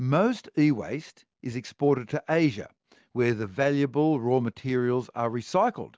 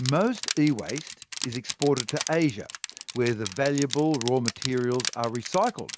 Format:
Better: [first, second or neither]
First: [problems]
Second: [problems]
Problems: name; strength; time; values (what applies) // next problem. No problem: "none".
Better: first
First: none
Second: background sound (Crushing); 9 dB below the speech